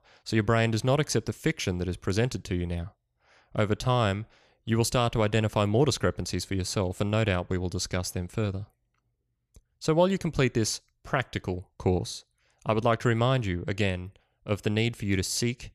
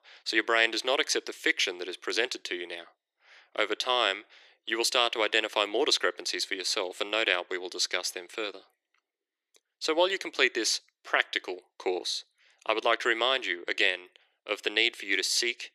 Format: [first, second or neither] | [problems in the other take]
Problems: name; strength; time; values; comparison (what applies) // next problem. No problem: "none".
first | thin; very; fading below 350 Hz